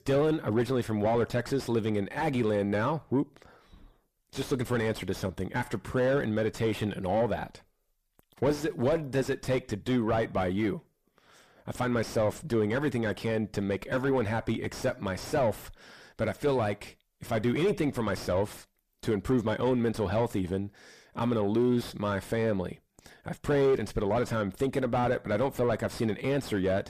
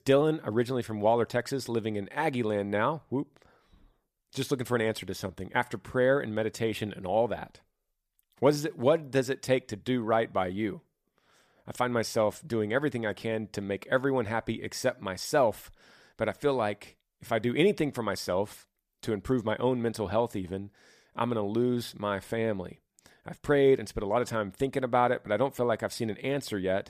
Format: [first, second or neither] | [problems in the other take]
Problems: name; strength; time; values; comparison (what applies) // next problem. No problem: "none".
second | distortion; heavy; 6 dB below the speech